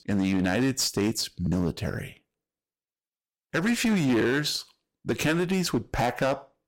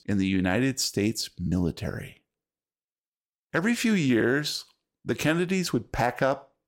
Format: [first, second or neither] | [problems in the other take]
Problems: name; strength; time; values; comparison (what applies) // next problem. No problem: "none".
second | distortion; slight; 9% of the sound clipped